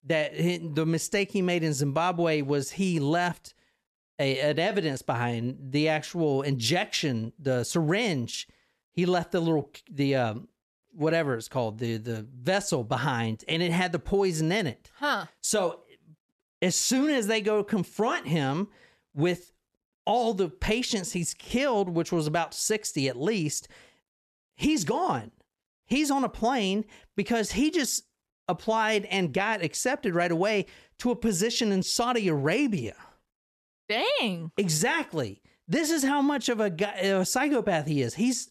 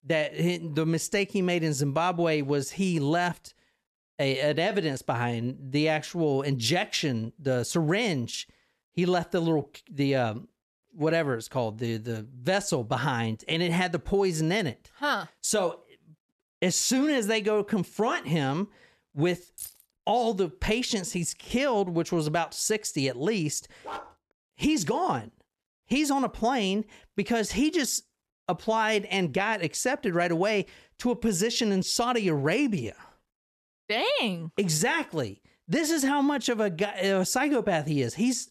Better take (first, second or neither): first